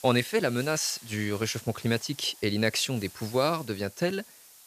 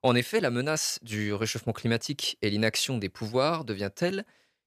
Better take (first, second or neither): second